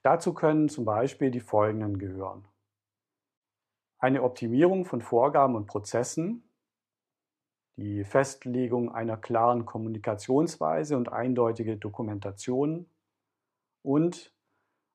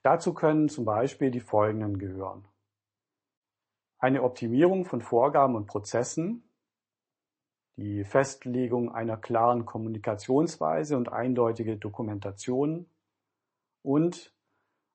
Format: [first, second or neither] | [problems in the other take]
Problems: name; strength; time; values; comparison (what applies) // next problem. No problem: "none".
first | garbled, watery; slightly; nothing above 8 kHz